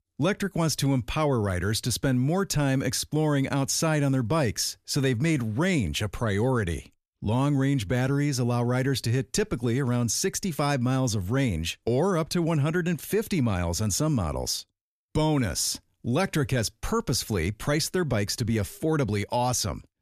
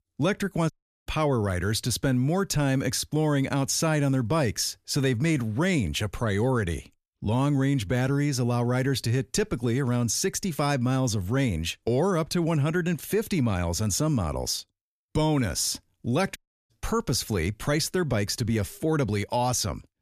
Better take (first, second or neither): first